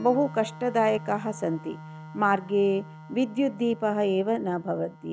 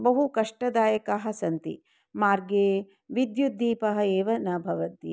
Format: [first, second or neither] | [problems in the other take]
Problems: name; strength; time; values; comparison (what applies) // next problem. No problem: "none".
second | background sound (Organ); 17 dB below the speech